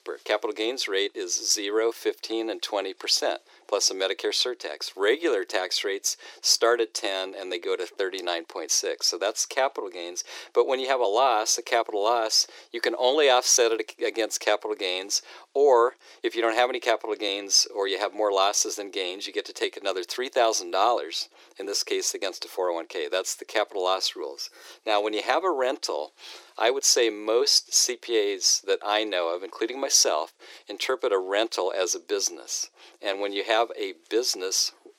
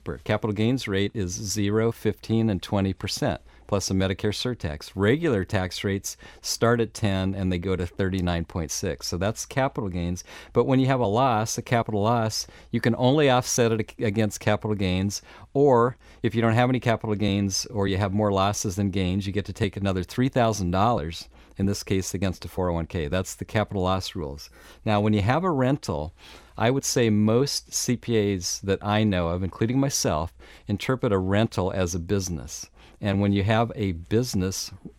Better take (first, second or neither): second